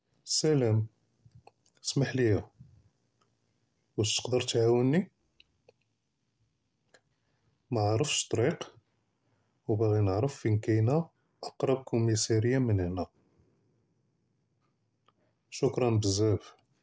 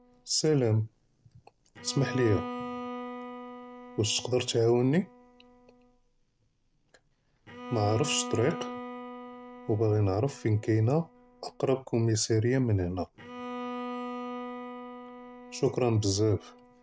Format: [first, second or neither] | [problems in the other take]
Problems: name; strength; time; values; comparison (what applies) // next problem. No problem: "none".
first | background sound (Bowed string instrument); 12 dB below the speech